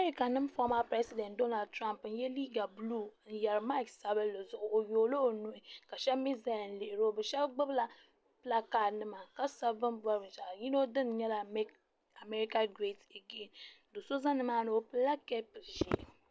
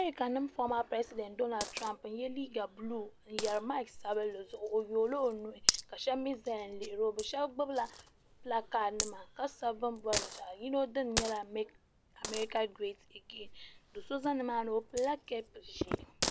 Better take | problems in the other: first | background sound (Coin (dropping)); 7 dB below the speech

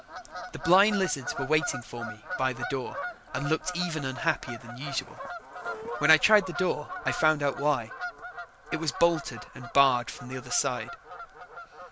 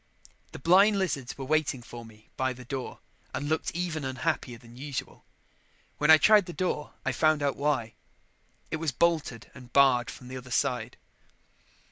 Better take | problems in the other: second | background sound (Bird vocalization, bird call, bird song / Fowl); 10 dB below the speech

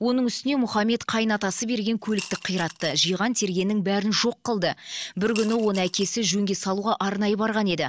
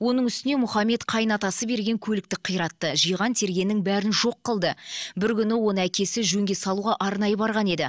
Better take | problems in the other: second | background sound (Coin (dropping) / Glass); 16 dB below the speech

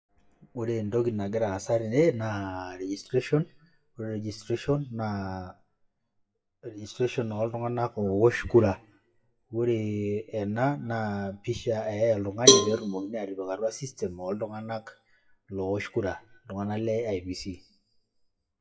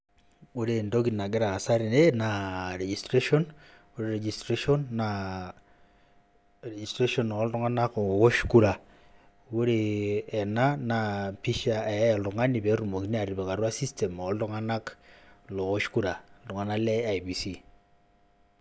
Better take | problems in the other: second | noise reduction (classical method WPE with log-MMSE)

